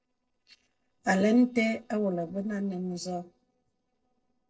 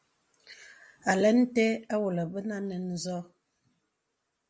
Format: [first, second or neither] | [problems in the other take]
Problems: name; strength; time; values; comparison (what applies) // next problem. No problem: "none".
second | noise reduction (neural separator model SepFormer DNS4)